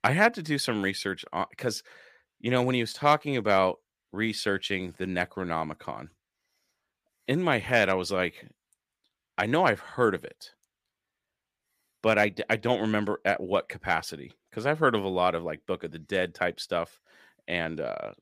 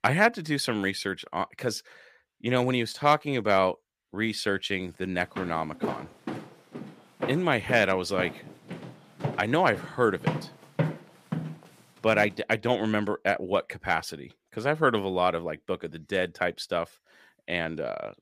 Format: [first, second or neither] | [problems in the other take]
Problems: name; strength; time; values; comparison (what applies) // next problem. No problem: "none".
first | footsteps; noticeable; from 5.5 to 12 s; peak 3 dB below the speech